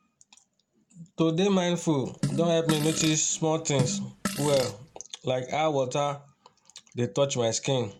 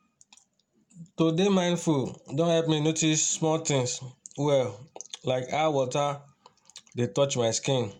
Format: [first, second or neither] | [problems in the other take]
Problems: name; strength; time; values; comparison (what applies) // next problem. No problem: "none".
second | background sound (Fart); 6 dB below the speech